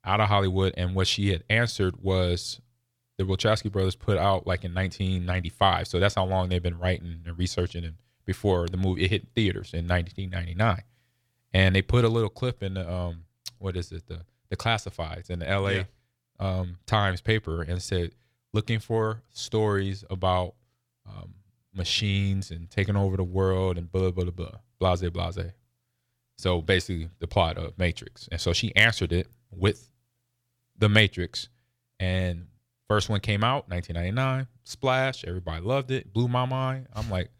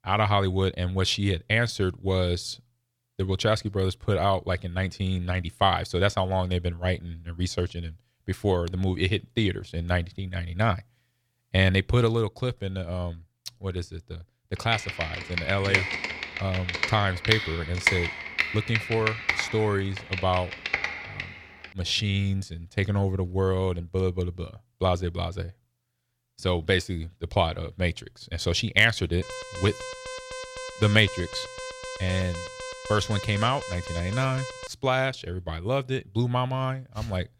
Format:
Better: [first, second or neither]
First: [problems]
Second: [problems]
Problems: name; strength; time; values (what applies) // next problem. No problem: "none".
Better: first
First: none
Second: keyboard typing; loud; from 15 to 21 s; peak 3 dB above the speech // alarm; noticeable; from 29 to 35 s; peak 9 dB below the speech